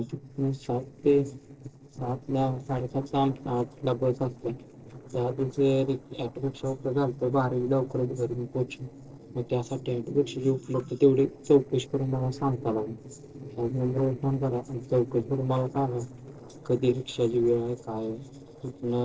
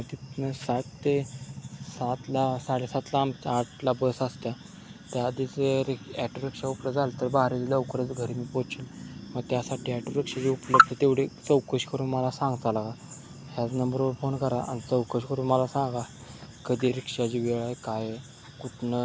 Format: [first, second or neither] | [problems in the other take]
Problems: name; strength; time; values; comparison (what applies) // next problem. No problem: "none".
second | noise reduction (neural separator model SepFormer DNS4)